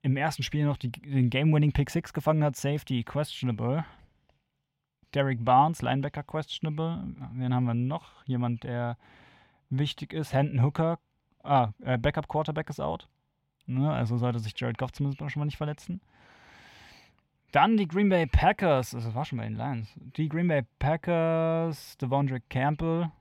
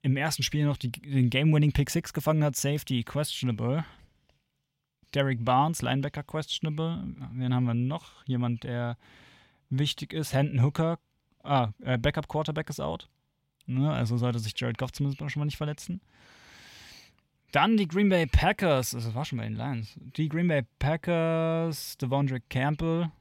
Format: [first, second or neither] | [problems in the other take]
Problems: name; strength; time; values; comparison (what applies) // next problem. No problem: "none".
second | muffled; slightly; fading above 3.5 kHz